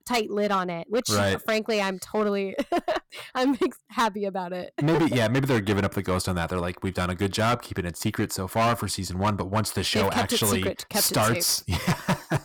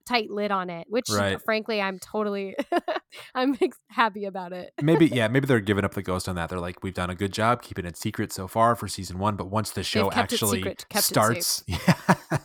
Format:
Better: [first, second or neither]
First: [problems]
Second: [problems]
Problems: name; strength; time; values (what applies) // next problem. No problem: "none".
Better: second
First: distortion; heavy; 10% of the sound clipped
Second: none